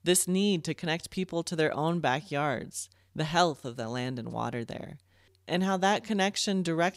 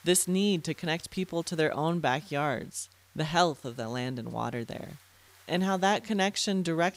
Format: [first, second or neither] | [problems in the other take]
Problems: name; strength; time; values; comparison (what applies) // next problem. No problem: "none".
first | hiss; faint; throughout; 30 dB below the speech